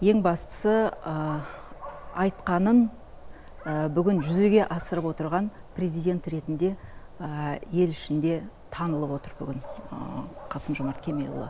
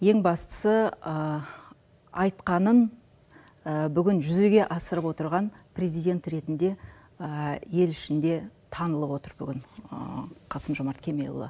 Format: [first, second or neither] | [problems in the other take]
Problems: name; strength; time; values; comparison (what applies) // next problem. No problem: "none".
second | background sound (Dog); 15 dB below the speech